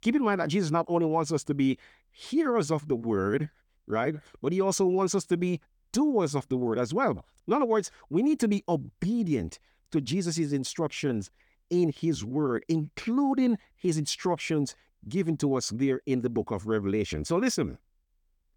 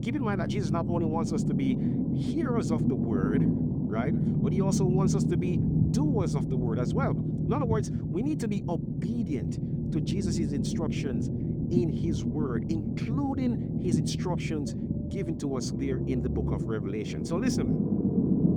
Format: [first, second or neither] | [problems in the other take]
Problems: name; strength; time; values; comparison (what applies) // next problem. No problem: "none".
first | low rumble; loud; throughout; 1 dB below the speech